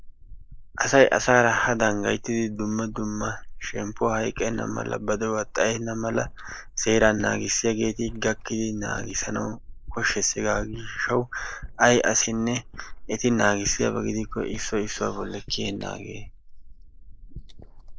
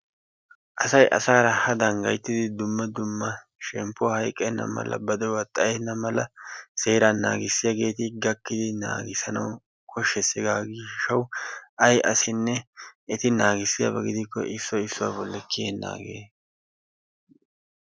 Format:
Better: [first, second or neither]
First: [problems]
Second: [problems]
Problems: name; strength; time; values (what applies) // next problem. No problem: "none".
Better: second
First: noise reduction (neural mask model Resemble Enhance denoiser)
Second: none